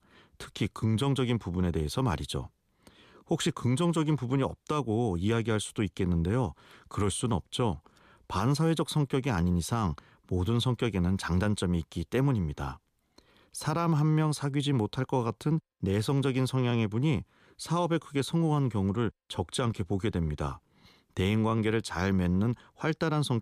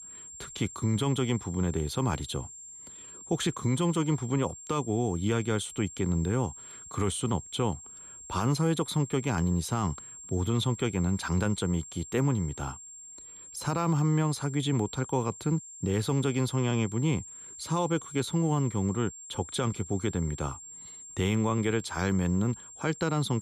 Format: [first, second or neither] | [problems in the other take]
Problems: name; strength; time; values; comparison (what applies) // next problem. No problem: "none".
first | high-pitched whine; noticeable; throughout; 7.5 kHz, 15 dB below the speech